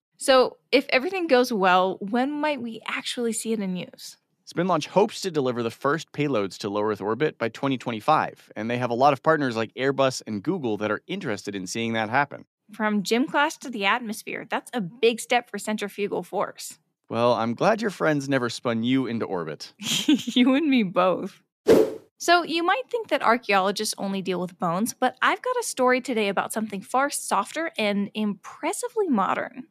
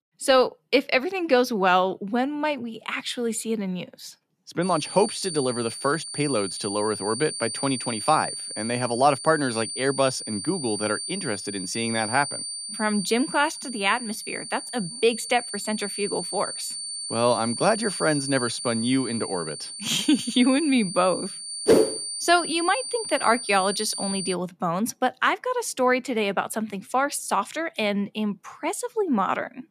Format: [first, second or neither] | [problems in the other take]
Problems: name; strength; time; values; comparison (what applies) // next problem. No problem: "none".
first | high-pitched whine; loud; from 4.5 to 24 s; 9 kHz, 6 dB below the speech